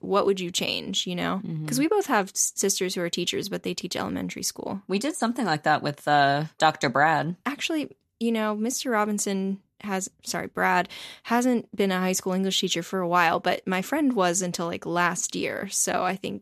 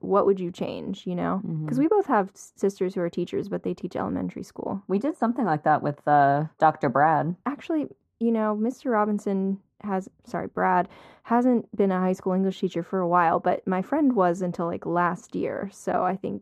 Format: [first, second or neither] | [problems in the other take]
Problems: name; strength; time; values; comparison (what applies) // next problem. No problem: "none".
first | muffled; very; fading above 2 kHz